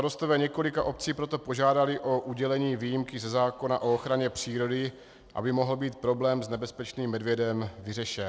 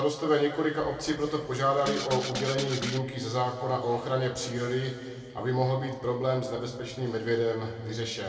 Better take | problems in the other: first | background sound (Rattle (instrument)); 7 dB below the speech // room echo; dies away in 2.3 s

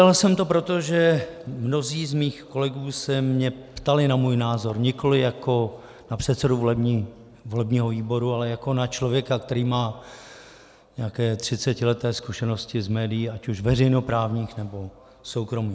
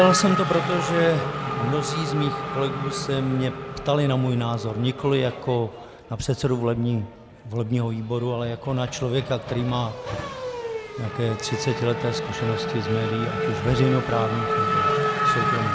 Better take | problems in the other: first | background sound (Race car, auto racing / Accelerating, revving, vroom); 3 dB below the speech

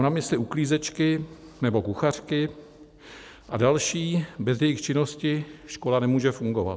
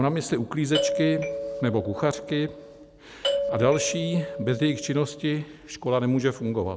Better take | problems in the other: first | background sound (Doorbell); 5 dB below the speech

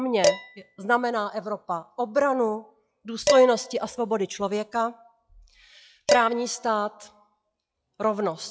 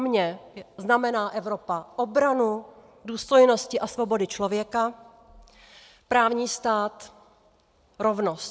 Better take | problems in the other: second | noise reduction (classical method log-MMSE)

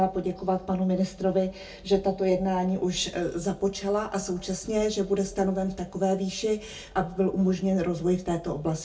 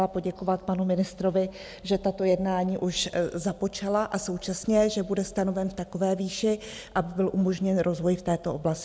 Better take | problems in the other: second | room echo; dies away in 0.2 s

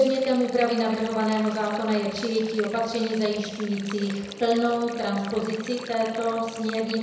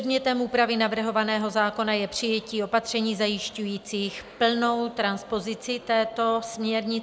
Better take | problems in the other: second | background sound (Stream); 16 dB below the speech // room echo; dies away in 1 s

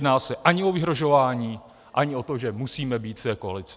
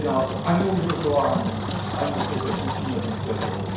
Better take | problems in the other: first | background sound (Engine); 2 dB below the speech // room echo; dies away in 0.7 s

